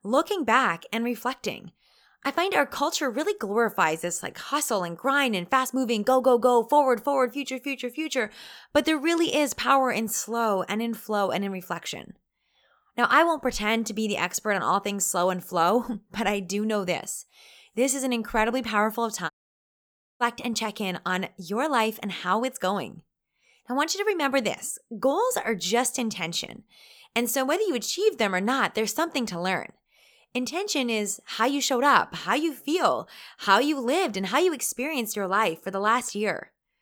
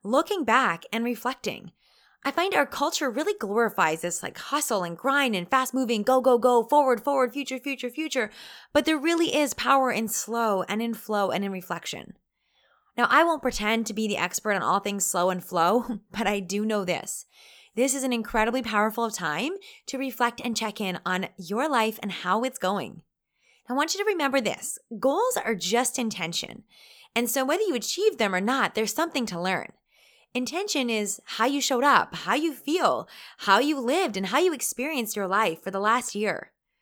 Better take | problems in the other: second | audio cutting out; at 19 s for 1 s

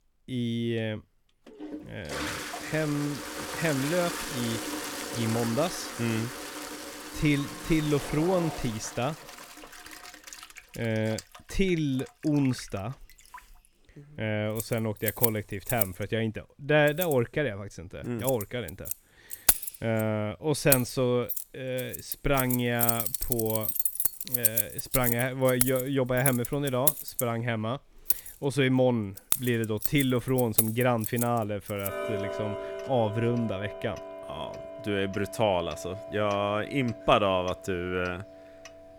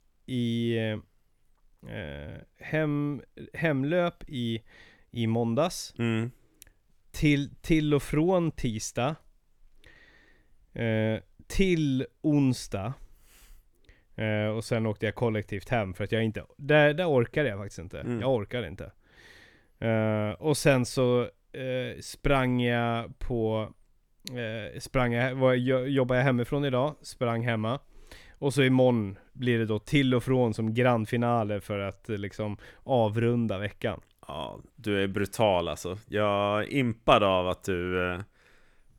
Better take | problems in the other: second | household noises; loud; throughout; 2 dB below the speech

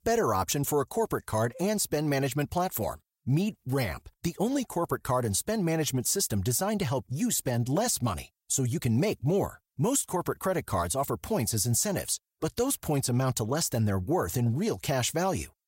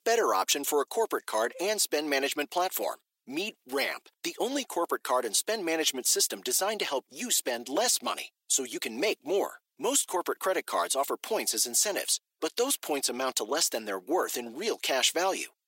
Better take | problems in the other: first | thin; somewhat; fading below 300 Hz

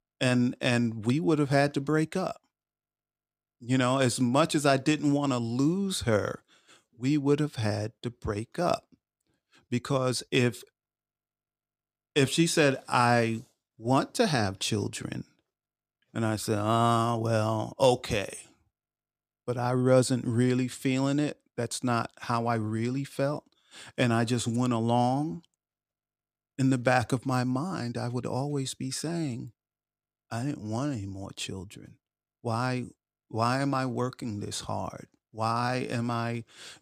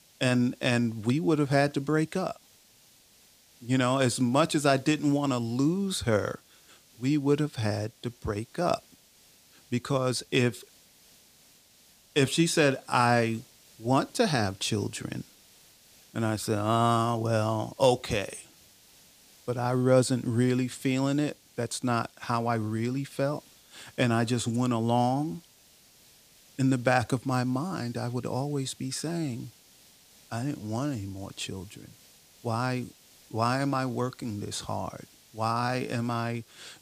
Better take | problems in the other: first | hiss; faint; throughout; 25 dB below the speech

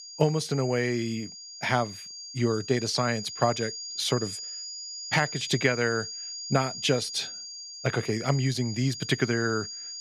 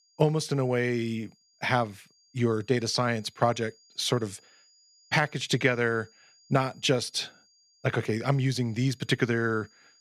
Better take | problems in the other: second | high-pitched whine; loud; throughout; 5 kHz, 8 dB below the speech; faint in the second

